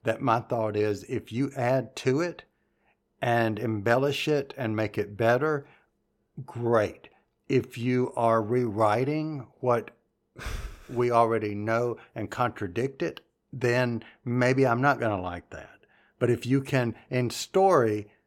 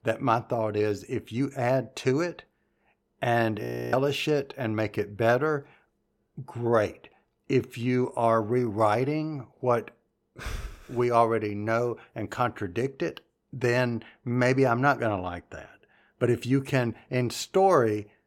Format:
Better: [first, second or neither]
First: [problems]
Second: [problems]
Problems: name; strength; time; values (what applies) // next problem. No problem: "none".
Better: first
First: none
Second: audio freezing; at 3.5 s